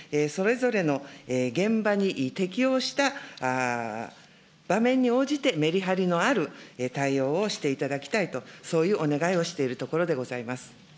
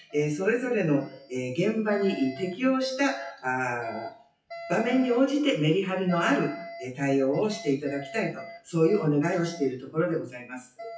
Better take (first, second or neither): first